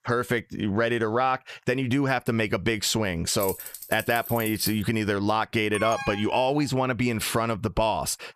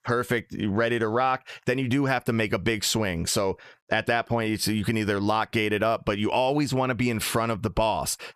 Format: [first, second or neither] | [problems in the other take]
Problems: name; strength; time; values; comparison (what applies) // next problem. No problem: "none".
second | jangling keys; noticeable; from 3.5 to 5 s; peak 8 dB below the speech // alarm; noticeable; at 5.5 s; peak 6 dB below the speech